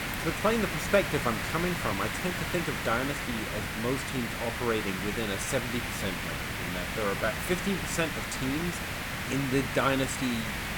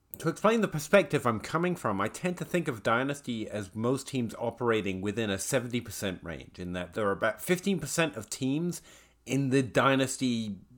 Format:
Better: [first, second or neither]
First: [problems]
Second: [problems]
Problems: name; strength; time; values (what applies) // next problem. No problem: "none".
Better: second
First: hiss; loud; throughout; 1 dB below the speech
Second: none